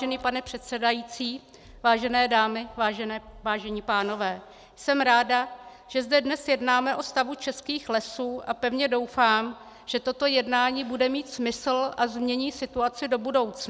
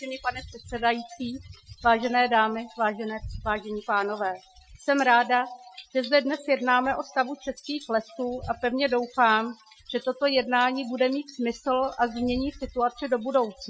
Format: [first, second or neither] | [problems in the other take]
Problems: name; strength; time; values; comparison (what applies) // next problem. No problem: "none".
first | noise reduction (classical method Wiener filter)